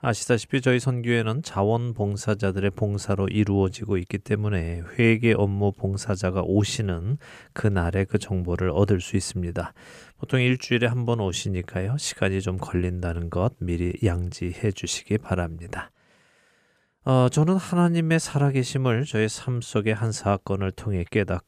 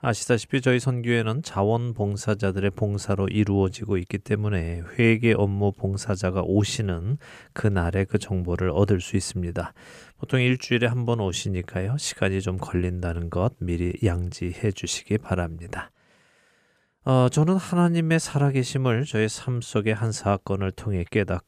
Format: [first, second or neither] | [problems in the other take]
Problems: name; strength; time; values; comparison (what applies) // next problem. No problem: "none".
neither | none